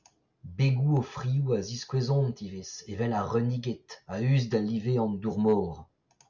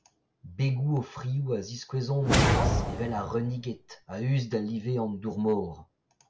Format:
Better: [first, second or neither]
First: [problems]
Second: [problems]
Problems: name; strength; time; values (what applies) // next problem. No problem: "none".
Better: first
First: none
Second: background sound (Whoosh, swoosh, swish); 3 dB above the speech